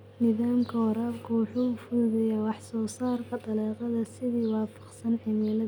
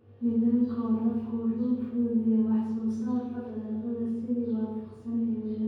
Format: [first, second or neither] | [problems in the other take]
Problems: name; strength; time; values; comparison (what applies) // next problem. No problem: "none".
first | room echo; dies away in 1.3 s